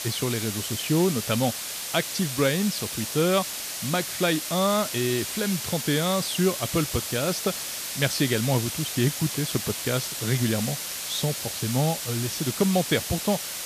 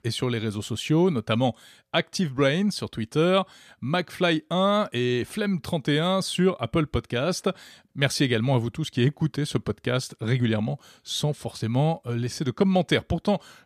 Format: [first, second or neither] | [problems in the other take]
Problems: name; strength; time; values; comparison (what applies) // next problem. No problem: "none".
second | hiss; loud; throughout; 4 dB below the speech